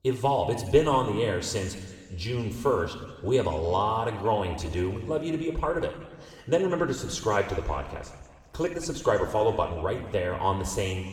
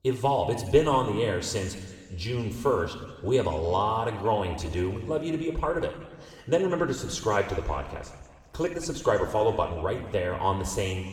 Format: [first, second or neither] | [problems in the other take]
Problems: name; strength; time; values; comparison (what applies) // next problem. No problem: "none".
neither | room echo; noticeable; dies away in 1.5 s; the same in both